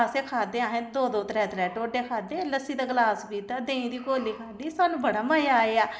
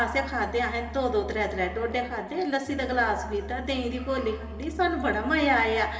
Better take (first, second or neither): first